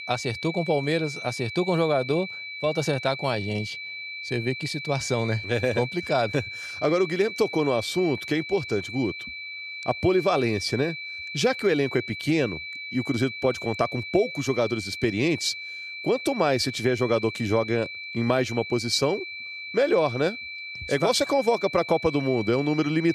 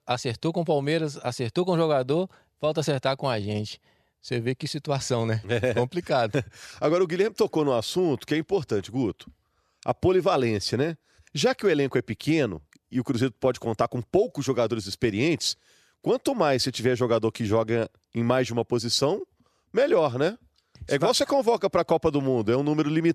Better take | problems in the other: second | high-pitched whine; loud; throughout; 2.5 kHz, 8 dB below the speech

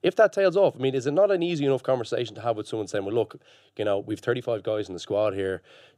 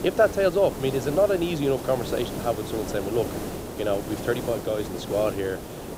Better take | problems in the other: first | hiss; loud; throughout; 8 dB below the speech

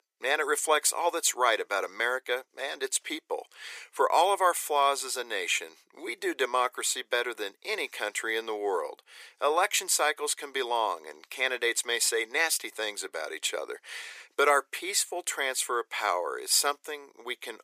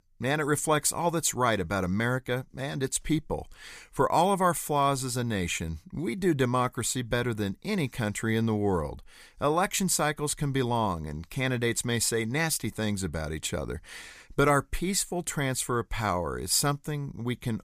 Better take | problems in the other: second | thin; very; fading below 400 Hz

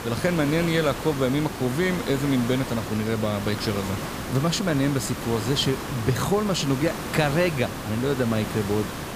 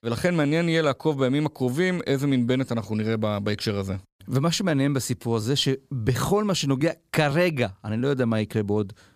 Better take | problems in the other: second | hiss; loud; throughout; 7 dB below the speech

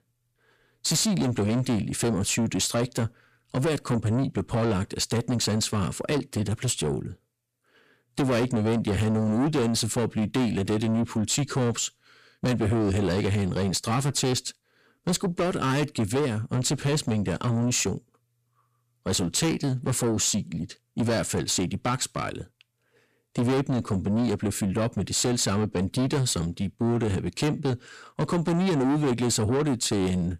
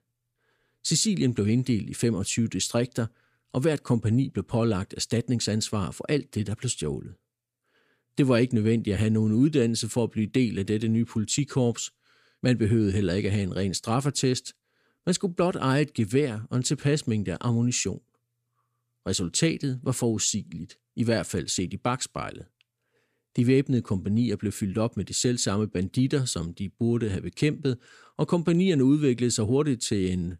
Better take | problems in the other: second | distortion; heavy; 7 dB below the speech

